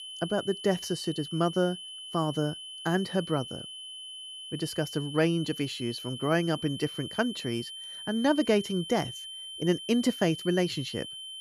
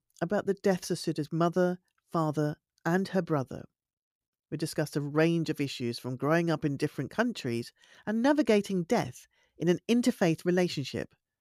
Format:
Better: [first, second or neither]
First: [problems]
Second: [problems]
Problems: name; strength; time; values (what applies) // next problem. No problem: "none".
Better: second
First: high-pitched whine; loud; throughout; 3 kHz, 9 dB below the speech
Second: none